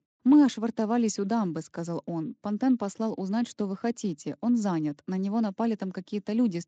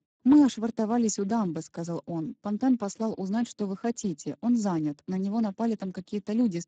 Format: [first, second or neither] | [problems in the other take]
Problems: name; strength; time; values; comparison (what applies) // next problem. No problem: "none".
first | garbled, watery; badly; nothing above 7.5 kHz; slightly in the first